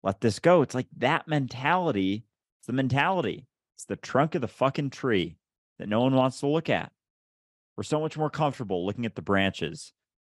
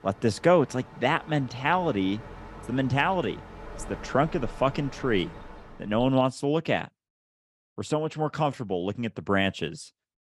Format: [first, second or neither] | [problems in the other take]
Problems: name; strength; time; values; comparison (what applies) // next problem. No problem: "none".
first | train or aircraft noise; noticeable; until 5.5 s; 20 dB below the speech